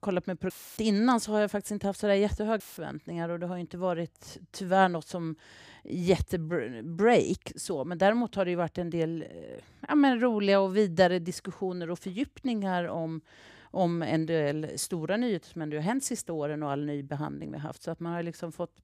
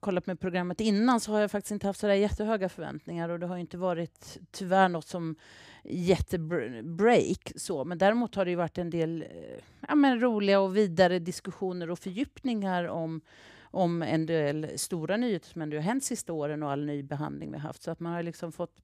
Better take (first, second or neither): second